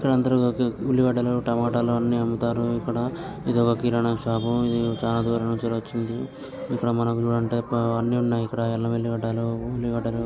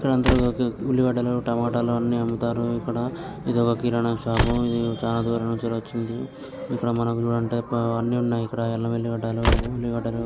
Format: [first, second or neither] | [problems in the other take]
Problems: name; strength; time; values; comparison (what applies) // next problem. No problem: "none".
first | background sound (Slam); 8 dB below the speech